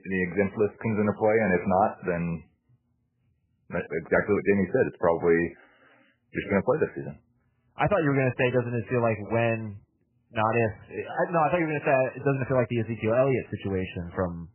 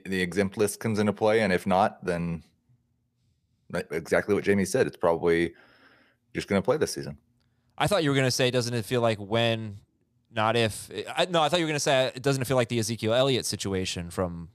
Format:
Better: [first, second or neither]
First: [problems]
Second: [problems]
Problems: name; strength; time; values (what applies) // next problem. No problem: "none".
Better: second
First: garbled, watery; badly; nothing above 2.5 kHz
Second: none